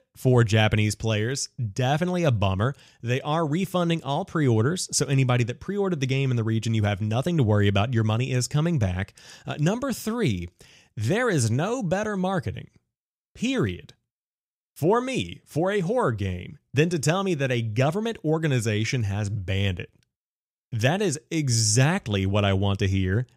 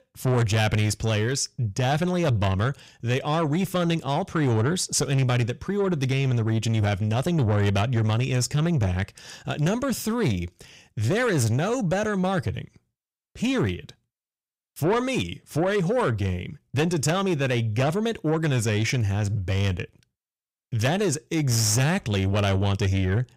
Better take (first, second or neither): first